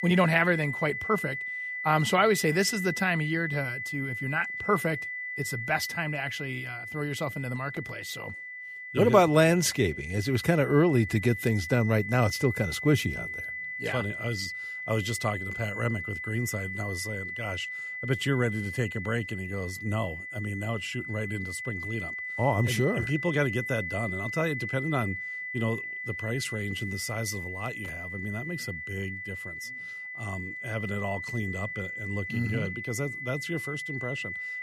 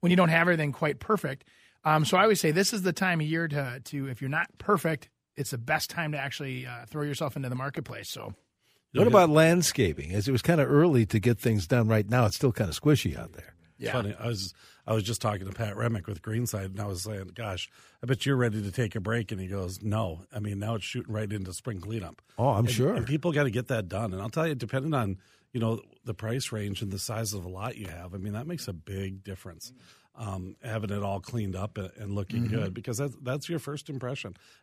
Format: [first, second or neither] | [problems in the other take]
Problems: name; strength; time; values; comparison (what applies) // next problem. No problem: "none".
second | high-pitched whine; loud; throughout; 2 kHz, 5 dB below the speech